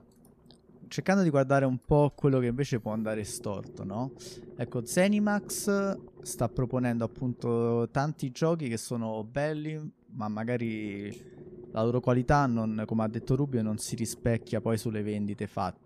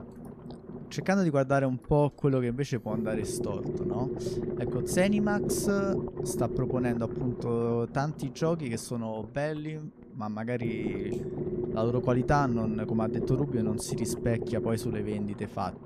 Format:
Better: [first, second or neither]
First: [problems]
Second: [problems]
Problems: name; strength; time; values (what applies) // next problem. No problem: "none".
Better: first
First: low rumble; faint; throughout; 20 dB below the speech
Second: low rumble; loud; throughout; 5 dB below the speech